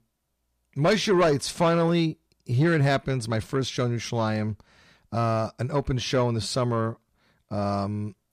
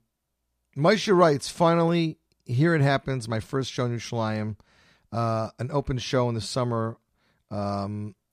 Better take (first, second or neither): second